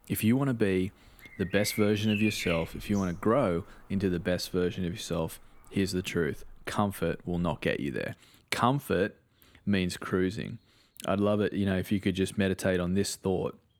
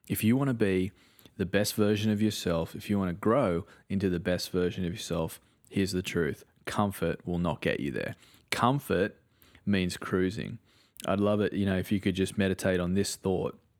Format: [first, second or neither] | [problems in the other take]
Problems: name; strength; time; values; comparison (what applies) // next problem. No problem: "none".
second | animal sounds; loud; throughout; 9 dB below the speech